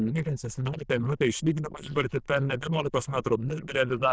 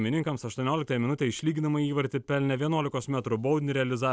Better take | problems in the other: second | noise reduction (neural diffusion model UNIVERSE++)

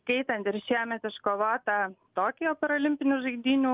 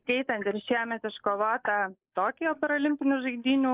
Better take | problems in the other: first | noise reduction (neural mask model Resemble Enhance denoiser)

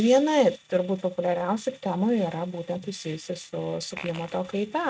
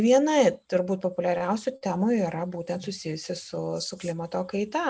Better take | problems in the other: second | noise reduction (neural mask model RNNoise)

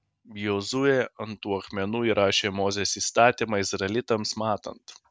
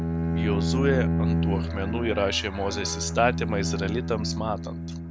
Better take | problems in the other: first | background sound (Bowed string instrument); 2 dB above the speech

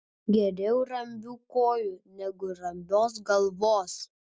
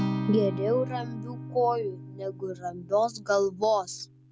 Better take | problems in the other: first | background sound (Acoustic guitar); 7 dB below the speech

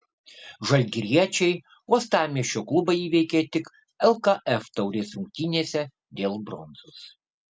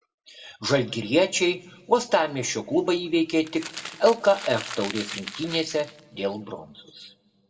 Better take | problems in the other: first | background sound (Crumpling, crinkling); 13 dB below the speech // room echo; dies away in 0.8 s

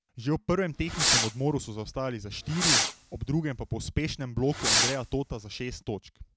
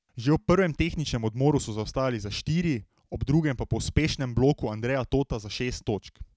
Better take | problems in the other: second | background sound (Fireworks); 1 dB above the speech

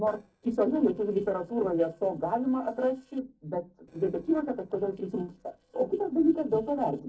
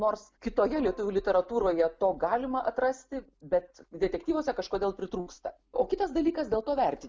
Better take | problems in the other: second | noise reduction (neural separator model SepFormer DNS4)

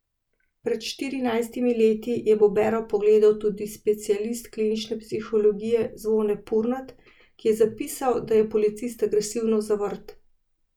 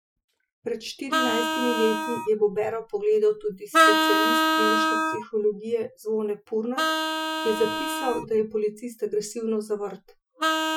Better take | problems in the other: first | noise reduction (classical method Wiener filter)

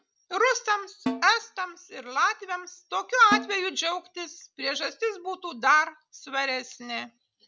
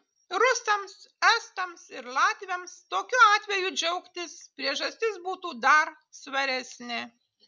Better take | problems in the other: second | background sound (Snare drum); 9 dB below the speech

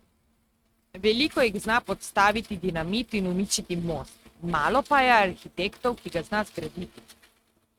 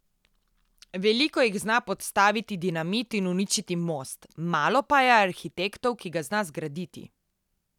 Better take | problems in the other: second | noise reduction (neural mask model RNNoise)

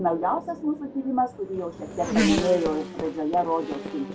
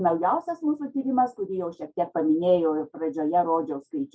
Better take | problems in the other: second | background sound (Race car, auto racing / Accelerating, revving, vroom); 5 dB below the speech

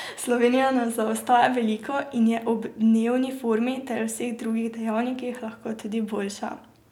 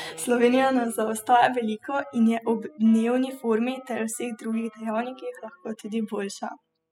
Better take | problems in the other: first | noise reduction (classical method spectral subtraction)

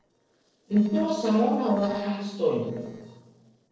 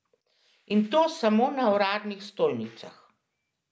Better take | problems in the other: second | noise reduction (neural separator model SepFormer DNS4)

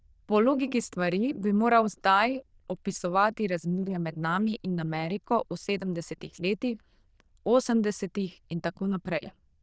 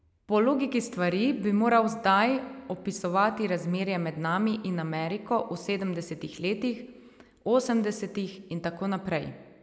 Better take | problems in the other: second | noise reduction (neural diffusion model UNIVERSE++)

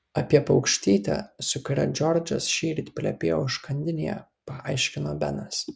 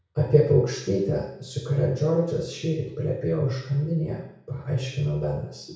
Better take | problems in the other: first | room echo; dies away in 0.6 s

